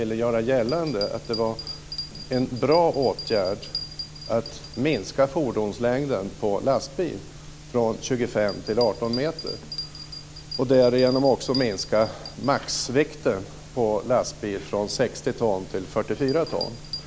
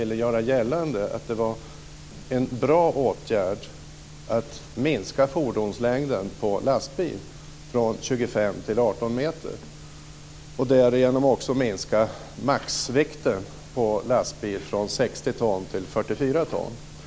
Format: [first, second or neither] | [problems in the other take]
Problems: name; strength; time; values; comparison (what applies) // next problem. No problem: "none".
second | background sound (Bell); 15 dB below the speech